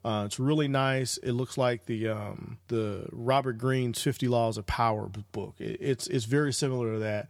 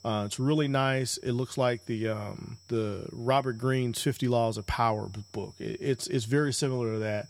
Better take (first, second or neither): first